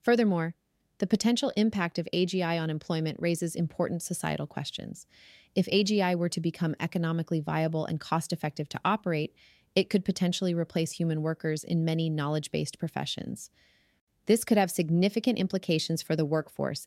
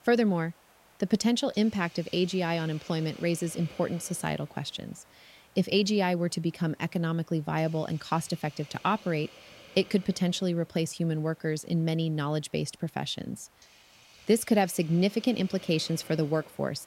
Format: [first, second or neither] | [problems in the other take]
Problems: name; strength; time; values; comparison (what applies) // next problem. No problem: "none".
first | hiss; faint; throughout; 25 dB below the speech